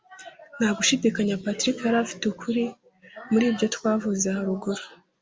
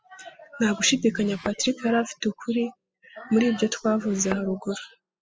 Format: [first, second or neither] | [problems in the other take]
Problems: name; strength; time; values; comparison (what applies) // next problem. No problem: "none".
first | noise reduction (classical method spectral subtraction)